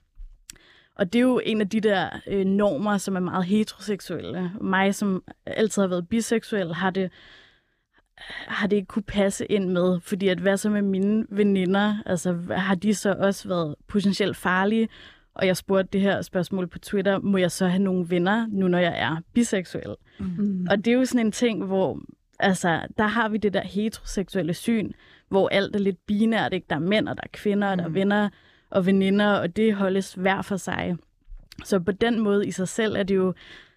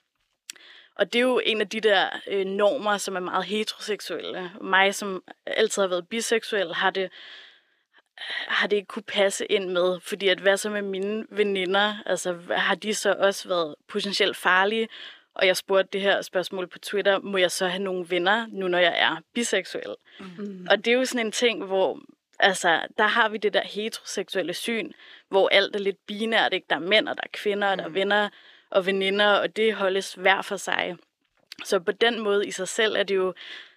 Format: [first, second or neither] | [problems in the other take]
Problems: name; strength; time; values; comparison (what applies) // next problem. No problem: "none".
first | thin; somewhat; fading below 450 Hz